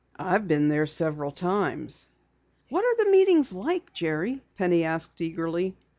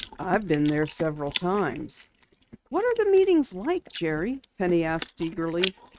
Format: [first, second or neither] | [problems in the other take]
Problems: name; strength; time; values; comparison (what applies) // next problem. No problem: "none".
first | noise reduction (neural mask model RNNoise)